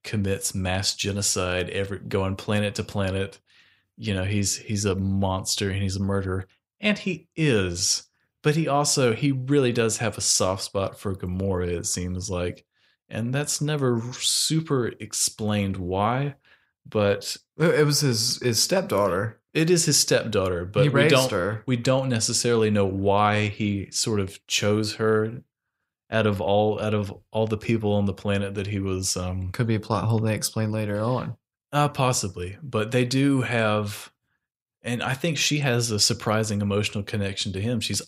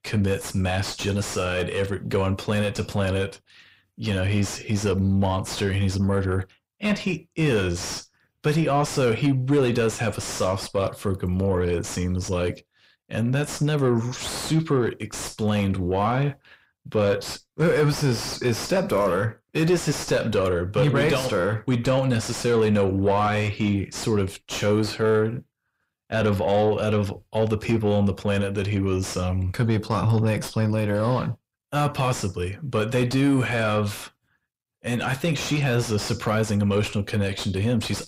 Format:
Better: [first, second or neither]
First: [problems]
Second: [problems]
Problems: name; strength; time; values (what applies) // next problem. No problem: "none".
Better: first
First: none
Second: distortion; heavy; 7 dB below the speech